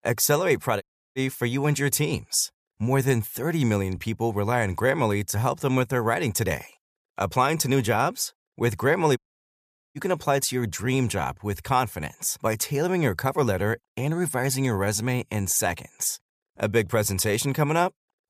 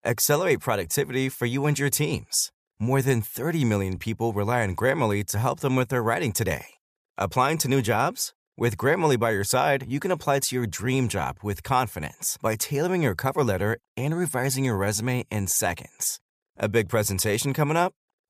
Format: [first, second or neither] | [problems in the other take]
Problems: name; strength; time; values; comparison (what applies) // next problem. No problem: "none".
second | audio cutting out; at 1 s and at 9 s for 1 s